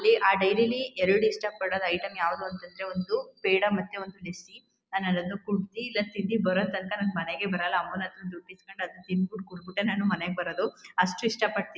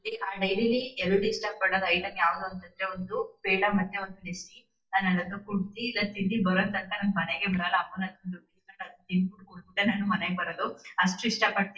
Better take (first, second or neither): first